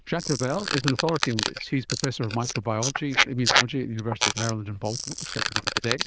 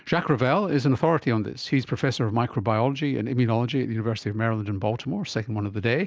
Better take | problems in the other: second | noise reduction (neural diffusion model UNIVERSE++)

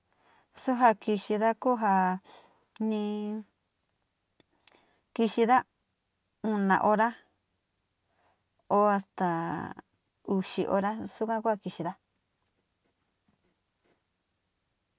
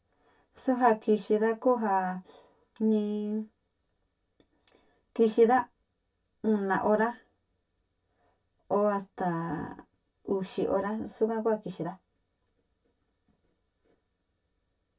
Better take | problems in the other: first | room echo; dies away in 0.2 s

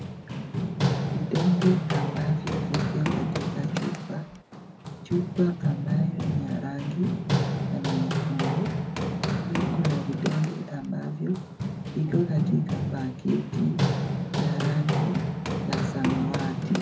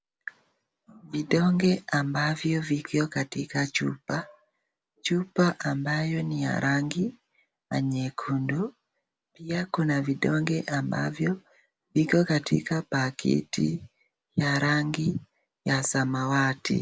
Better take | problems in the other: second | background sound (Run); 1 dB above the speech // room echo; dies away in 0.3 s

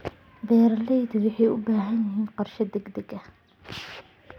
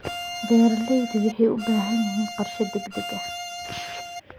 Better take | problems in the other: first | background sound (Bowed string instrument); 10 dB below the speech

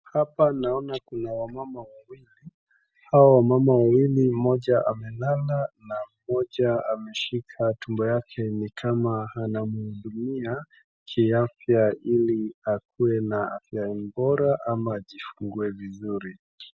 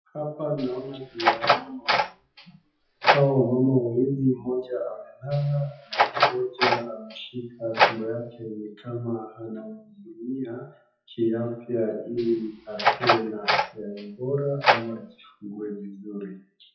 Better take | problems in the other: first | noise reduction (classical method WPE with log-MMSE)

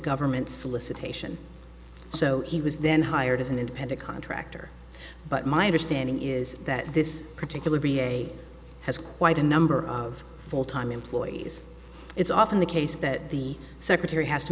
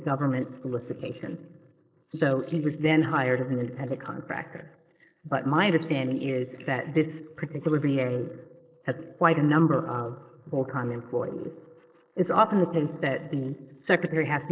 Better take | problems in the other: first | noise reduction (neural mask model Resemble Enhance denoiser)

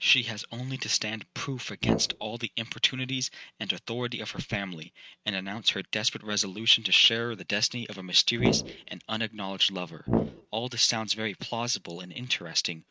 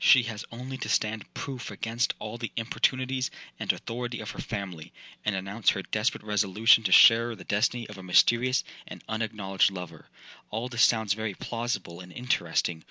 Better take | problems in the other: second | noise reduction (neural mask model RNNoise)

